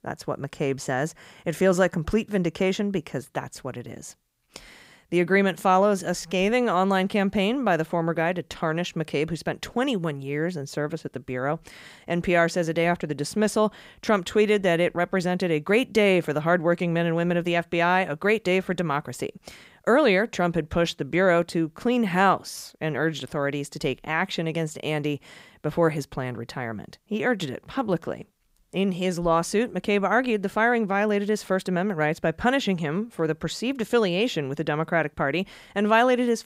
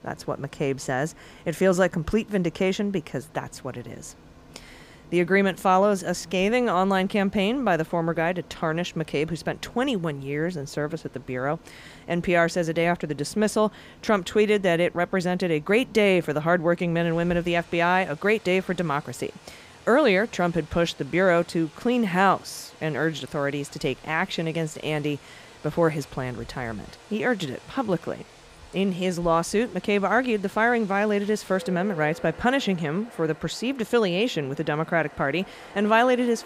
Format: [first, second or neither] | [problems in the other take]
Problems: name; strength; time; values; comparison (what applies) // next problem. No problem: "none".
first | rain or running water; faint; throughout; 25 dB below the speech